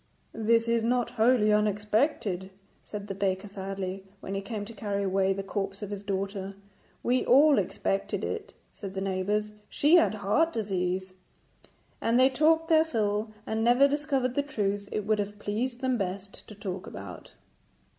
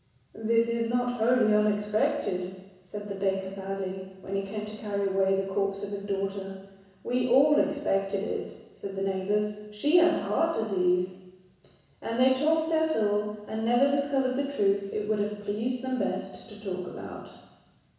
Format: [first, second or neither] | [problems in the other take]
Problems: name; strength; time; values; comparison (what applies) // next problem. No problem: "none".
first | room echo; dies away in 1.1 s